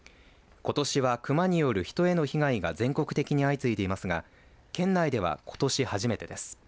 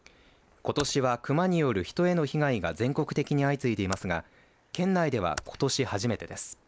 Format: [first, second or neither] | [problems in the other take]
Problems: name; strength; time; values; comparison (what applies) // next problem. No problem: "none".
first | noise reduction (neural mask model Resemble Enhance denoiser)